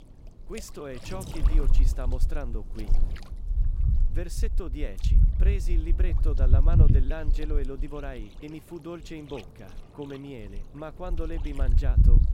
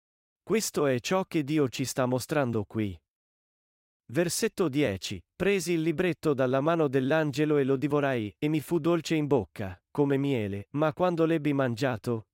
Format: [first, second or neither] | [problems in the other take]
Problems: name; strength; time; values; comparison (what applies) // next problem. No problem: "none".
second | wind noise on the microphone; heavy; 5 dB below the speech